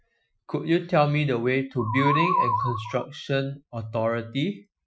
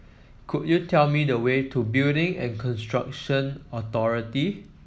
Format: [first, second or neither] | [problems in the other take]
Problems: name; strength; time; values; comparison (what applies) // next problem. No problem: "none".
second | noise reduction (classical method Wiener filter)